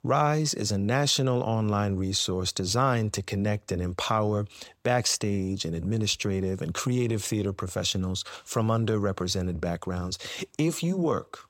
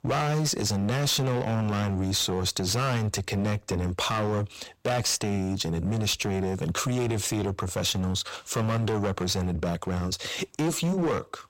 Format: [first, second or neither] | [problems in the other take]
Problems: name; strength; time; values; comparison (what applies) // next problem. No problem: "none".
first | distortion; heavy; 18% of the sound clipped